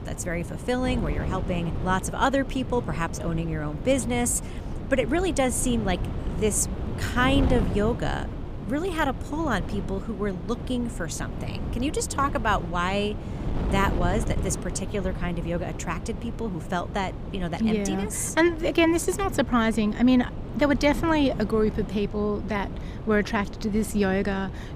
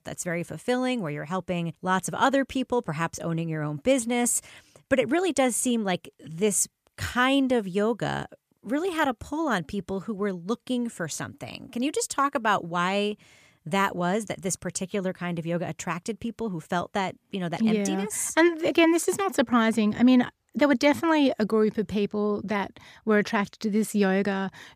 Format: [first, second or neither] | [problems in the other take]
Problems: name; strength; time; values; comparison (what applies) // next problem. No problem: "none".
second | wind noise on the microphone; occasional gusts; 15 dB below the speech